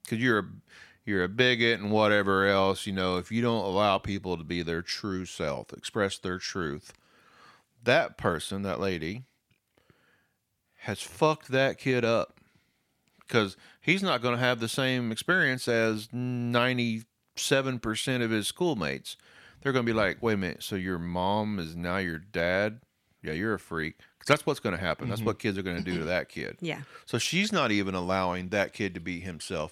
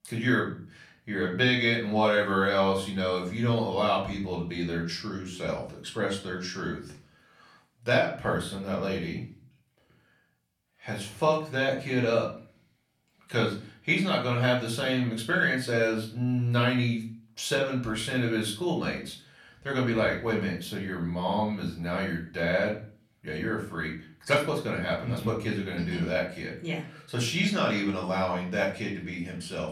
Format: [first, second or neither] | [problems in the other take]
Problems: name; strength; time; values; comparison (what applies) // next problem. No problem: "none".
first | room echo; slight; dies away in 0.4 s // off-mic speech; far